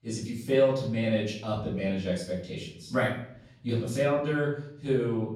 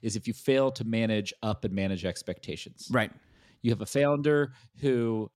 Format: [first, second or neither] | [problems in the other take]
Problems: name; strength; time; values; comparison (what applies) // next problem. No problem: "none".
second | room echo; noticeable; dies away in 0.6 s // off-mic speech; far